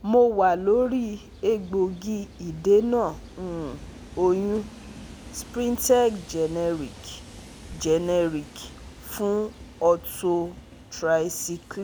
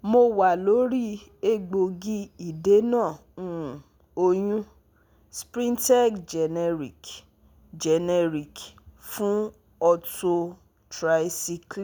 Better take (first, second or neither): second